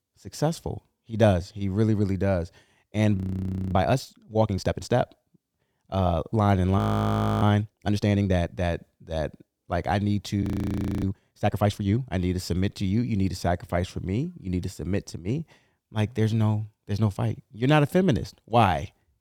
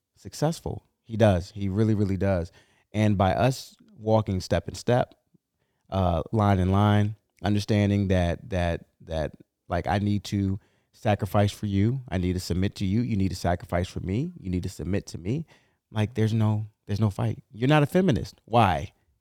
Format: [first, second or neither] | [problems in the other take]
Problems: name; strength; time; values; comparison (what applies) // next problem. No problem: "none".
second | audio freezing; at 3 s for 0.5 s, at 7 s for 0.5 s and at 10 s for 0.5 s